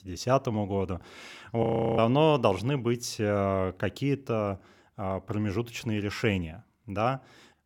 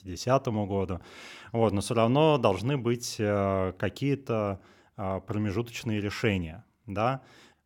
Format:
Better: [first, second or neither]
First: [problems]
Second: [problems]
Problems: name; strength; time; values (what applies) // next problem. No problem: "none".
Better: second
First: audio freezing; at 1.5 s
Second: none